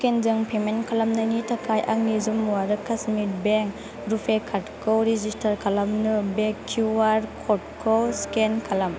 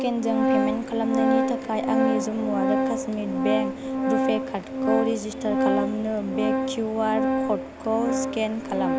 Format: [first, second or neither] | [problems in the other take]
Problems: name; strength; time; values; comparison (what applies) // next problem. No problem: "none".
first | background sound (Organ); 2 dB above the speech